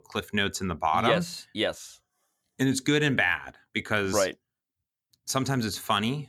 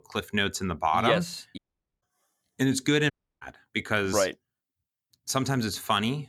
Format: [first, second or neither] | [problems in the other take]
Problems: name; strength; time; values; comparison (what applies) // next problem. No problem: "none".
first | audio cutting out; at 1.5 s and at 3 s